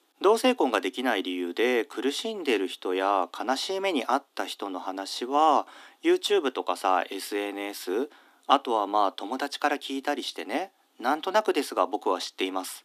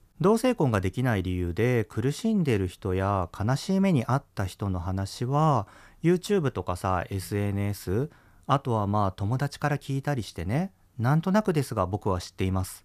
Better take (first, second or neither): second